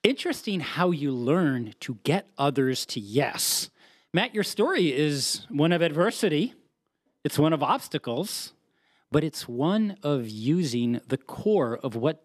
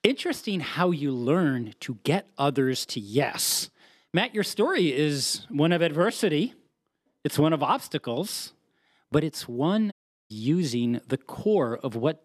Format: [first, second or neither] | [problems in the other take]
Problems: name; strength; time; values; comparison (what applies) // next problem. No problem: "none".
first | audio cutting out; at 10 s